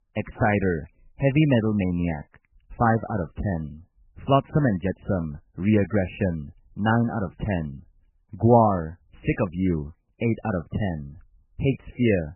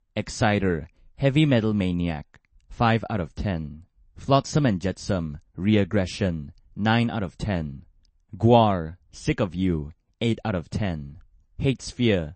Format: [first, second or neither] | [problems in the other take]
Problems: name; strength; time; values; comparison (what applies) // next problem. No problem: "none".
second | garbled, watery; badly; nothing above 3 kHz; slightly in the second